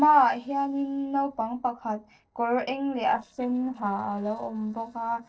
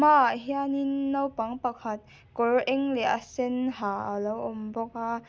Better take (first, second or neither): second